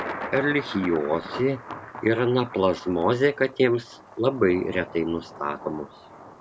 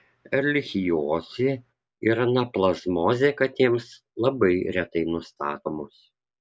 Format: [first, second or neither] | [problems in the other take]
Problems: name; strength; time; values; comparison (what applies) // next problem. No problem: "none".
second | background sound (Thunder); 13 dB below the speech